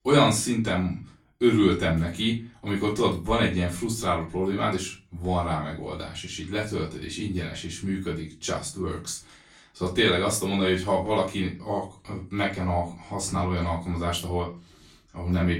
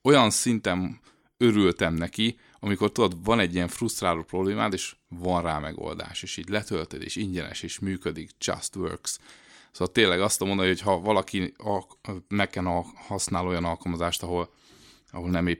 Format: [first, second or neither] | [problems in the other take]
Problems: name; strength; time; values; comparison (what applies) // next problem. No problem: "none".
second | off-mic speech; far // room echo; slight; dies away in 0.3 s